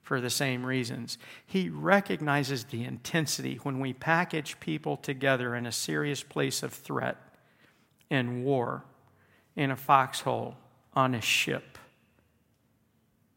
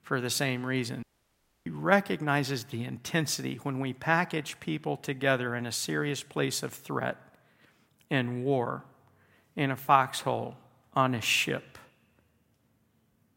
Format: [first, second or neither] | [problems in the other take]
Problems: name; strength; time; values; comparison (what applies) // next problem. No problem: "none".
first | audio cutting out; at 1 s for 0.5 s